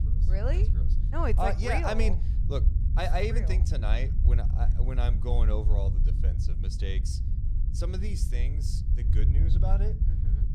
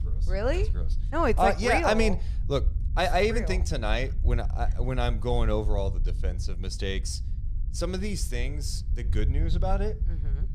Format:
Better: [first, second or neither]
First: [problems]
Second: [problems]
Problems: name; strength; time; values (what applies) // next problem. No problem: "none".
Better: second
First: wind noise on the microphone; heavy; 10 dB below the speech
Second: wind noise on the microphone; occasional gusts; 20 dB below the speech